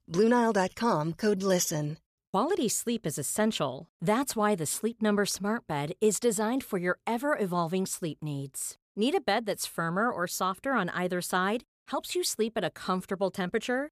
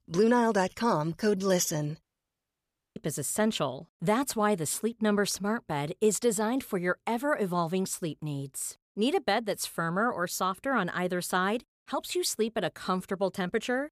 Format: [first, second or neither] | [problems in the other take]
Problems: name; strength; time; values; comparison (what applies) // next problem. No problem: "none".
first | audio cutting out; at 2 s for 1 s